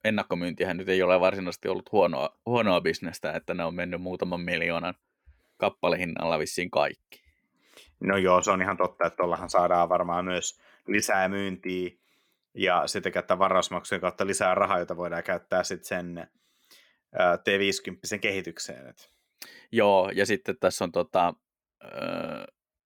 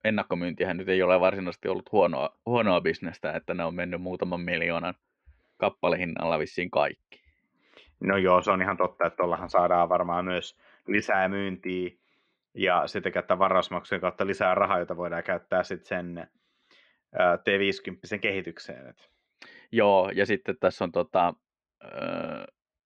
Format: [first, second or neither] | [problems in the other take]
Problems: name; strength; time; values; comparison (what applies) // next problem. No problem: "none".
first | muffled; slightly; fading above 3.5 kHz